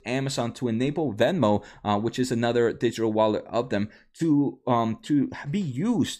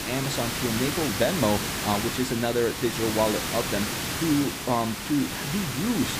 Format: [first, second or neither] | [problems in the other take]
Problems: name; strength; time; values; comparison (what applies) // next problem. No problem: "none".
first | hiss; loud; throughout; 2 dB below the speech